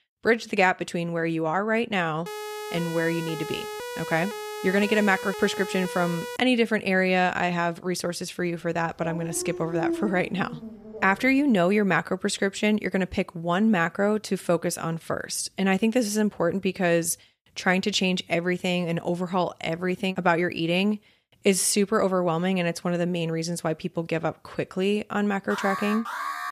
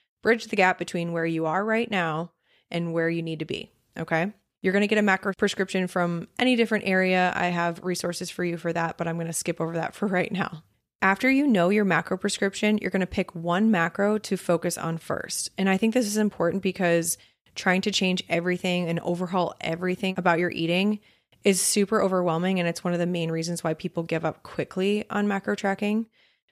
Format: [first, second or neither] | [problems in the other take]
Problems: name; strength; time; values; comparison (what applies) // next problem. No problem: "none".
second | siren; noticeable; from 2.5 to 6.5 s; peak 9 dB below the speech // dog barking; noticeable; from 9 to 11 s; peak 4 dB below the speech // alarm; noticeable; from 26 s on; peak 5 dB below the speech